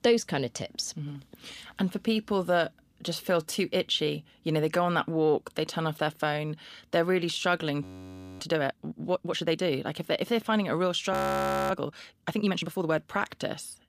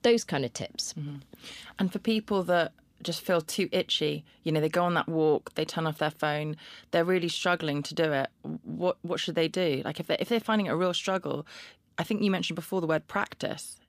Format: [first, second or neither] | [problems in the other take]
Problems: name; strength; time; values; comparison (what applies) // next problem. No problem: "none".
second | audio freezing; at 8 s for 0.5 s and at 11 s for 0.5 s